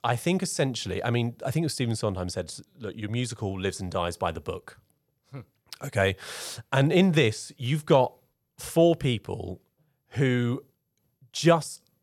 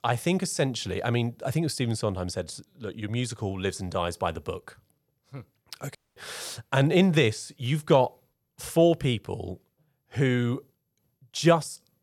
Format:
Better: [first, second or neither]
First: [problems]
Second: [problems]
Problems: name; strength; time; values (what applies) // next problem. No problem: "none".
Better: first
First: none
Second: audio cutting out; at 6 s